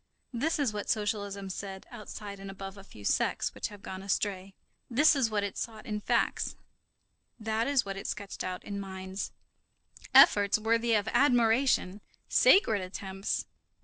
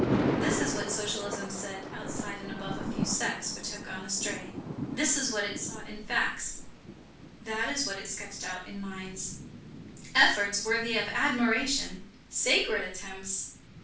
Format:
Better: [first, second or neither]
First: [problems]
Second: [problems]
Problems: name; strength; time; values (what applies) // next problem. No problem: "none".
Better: first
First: none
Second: background sound (Thunder); 5 dB below the speech // room echo; dies away in 0.3 s